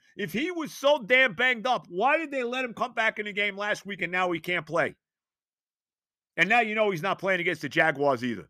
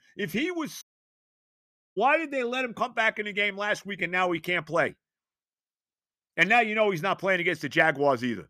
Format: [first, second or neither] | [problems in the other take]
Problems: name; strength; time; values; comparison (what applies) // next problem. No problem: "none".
first | audio cutting out; at 1 s for 1 s